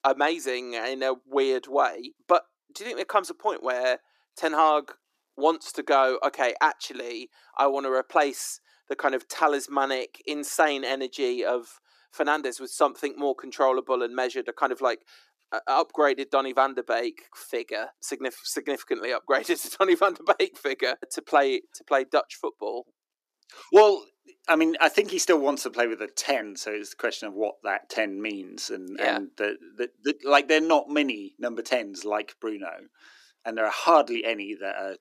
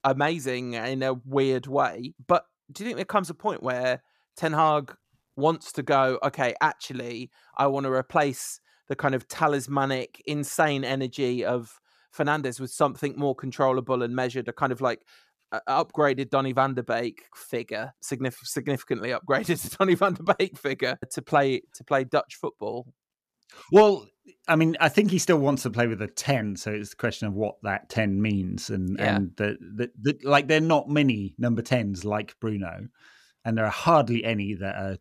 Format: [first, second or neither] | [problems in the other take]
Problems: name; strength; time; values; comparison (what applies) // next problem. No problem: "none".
second | thin; somewhat; fading below 300 Hz